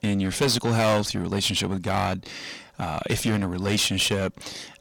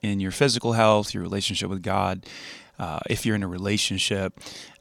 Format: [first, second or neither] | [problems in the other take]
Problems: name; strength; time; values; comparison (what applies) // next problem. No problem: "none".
second | distortion; heavy; 10% of the sound clipped